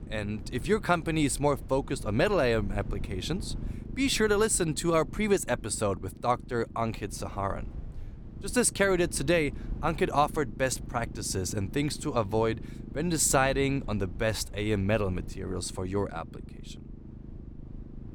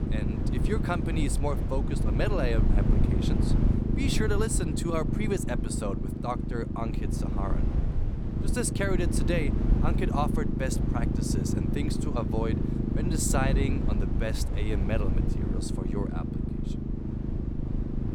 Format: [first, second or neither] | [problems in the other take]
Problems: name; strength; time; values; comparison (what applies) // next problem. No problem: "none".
first | low rumble; loud; throughout; 3 dB below the speech; faint in the first